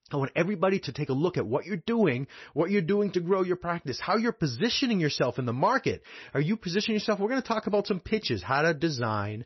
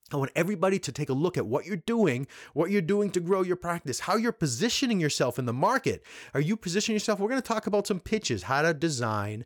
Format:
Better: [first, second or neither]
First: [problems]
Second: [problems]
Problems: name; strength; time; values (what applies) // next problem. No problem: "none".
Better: second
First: garbled, watery; slightly; nothing above 6 kHz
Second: none